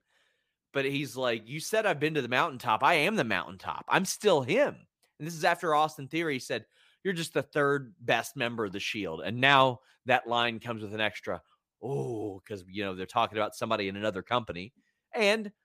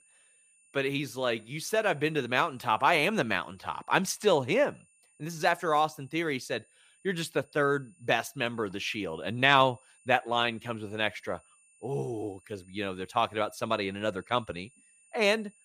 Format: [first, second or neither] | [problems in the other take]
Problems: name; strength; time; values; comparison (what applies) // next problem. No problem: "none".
first | high-pitched whine; faint; throughout; 9 kHz, 30 dB below the speech